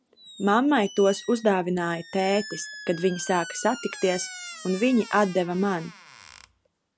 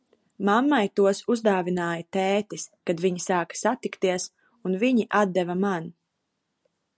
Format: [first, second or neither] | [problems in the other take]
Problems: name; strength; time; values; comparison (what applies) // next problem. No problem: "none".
second | background sound (Squeak); 16 dB below the speech